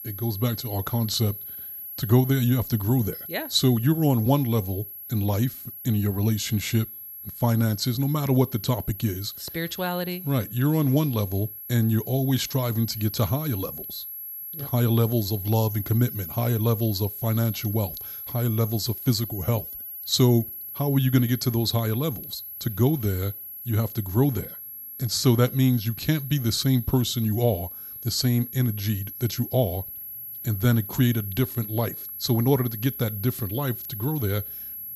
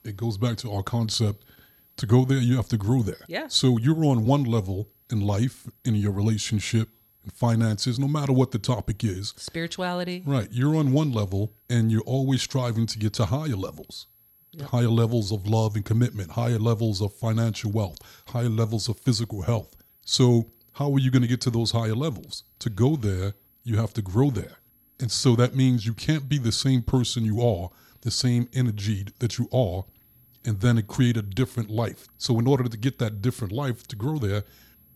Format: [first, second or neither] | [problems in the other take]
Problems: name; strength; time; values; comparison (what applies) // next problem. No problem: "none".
second | high-pitched whine; loud; throughout; 11.5 kHz, 10 dB below the speech; faint in the second